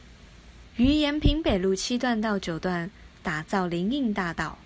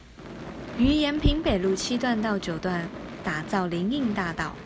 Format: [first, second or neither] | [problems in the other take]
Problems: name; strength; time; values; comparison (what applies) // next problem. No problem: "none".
first | background sound (Gunshot, gunfire / Fireworks); 12 dB below the speech